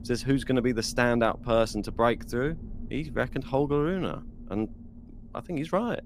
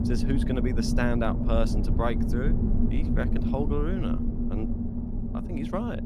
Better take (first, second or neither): first